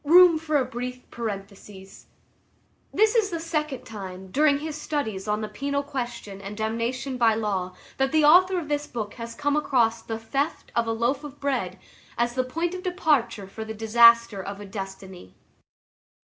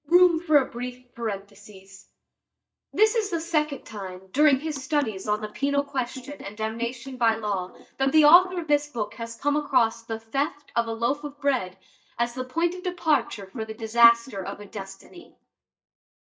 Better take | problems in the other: first | noise reduction (neural mask model DeepFilterNet 3)

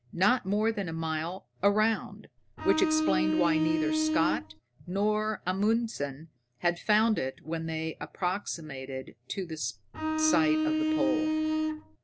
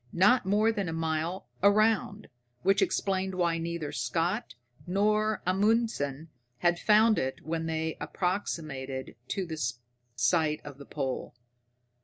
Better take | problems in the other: second | background sound (Bowed string instrument); 2 dB above the speech

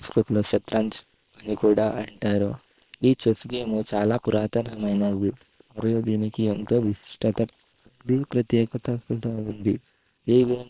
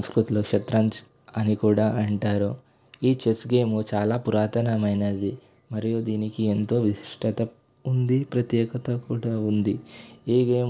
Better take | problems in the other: second | noise reduction (neural separator model SepFormer WHAM!)

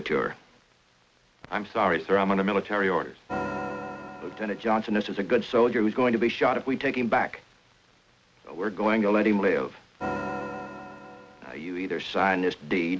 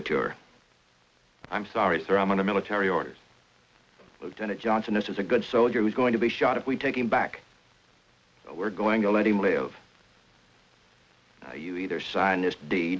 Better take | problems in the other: second | background sound (Organ); 10 dB below the speech

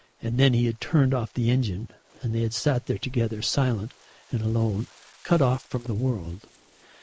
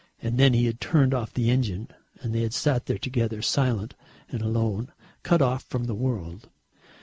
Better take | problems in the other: second | noise reduction (neural mask model Resemble Enhance denoiser)

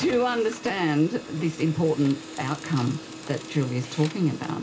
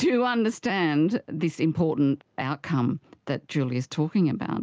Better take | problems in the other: second | background sound (Printer); 13 dB below the speech // room echo; dies away in 0.3 s

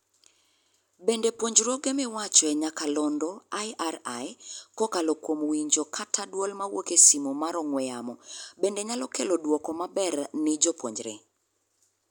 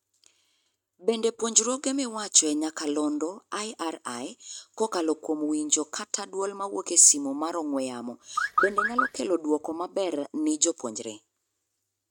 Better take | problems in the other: first | noise reduction (neural mask model RNNoise)

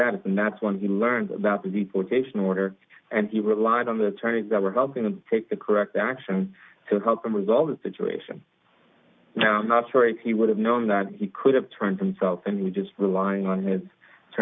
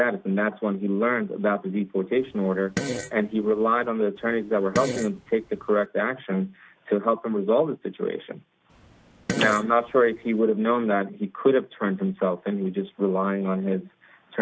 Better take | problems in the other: first | background sound (Fart); 10 dB below the speech

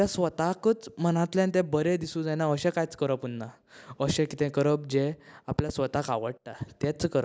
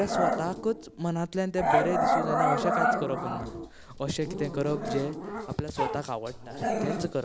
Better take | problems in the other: first | background sound (Growling); 2 dB above the speech

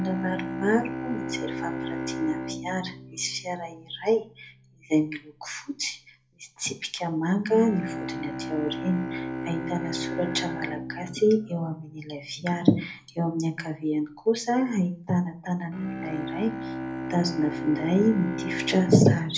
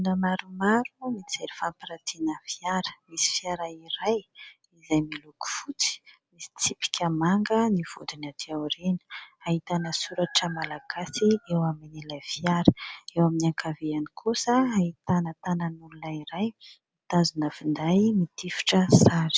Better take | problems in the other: second | background sound (Bowed string instrument); 8 dB below the speech // room echo; dies away in 0.3 s

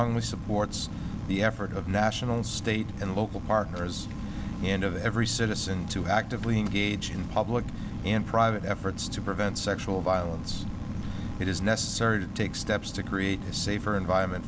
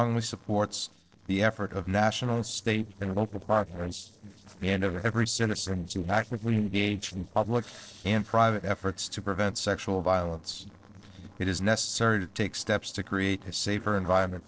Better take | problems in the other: first | noise reduction (neural separator model SepFormer DNS4)

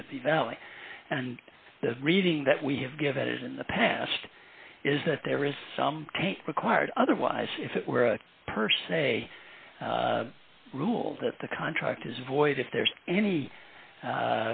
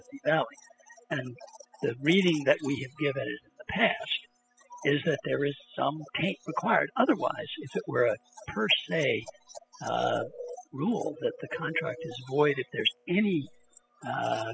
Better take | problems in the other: first | noise reduction (classical method spectral subtraction)

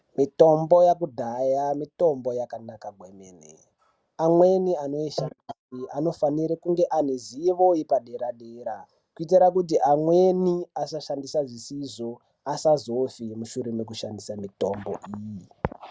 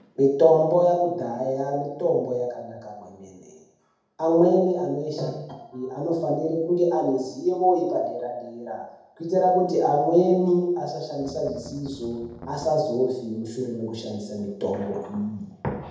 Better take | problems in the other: first | background sound (Strum); 18 dB below the speech // room echo; dies away in 0.8 s

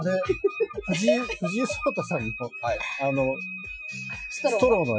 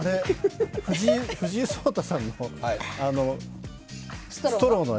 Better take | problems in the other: second | noise reduction (classical method Wiener filter)

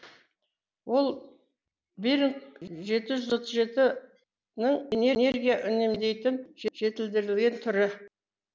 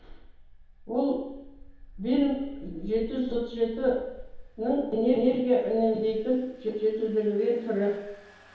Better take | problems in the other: first | background sound (Engine); 18 dB below the speech // room echo; dies away in 2.2 s

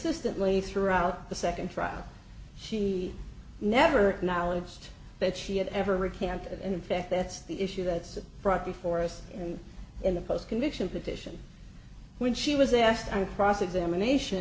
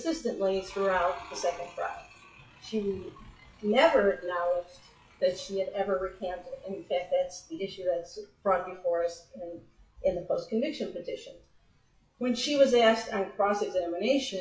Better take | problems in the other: first | noise reduction (classical method WPE with log-MMSE)

